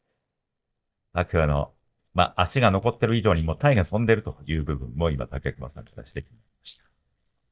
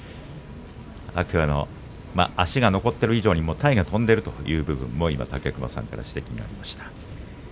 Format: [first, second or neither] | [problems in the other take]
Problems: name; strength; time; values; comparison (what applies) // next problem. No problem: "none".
second | noise reduction (neural mask model DeepFilterNet 3)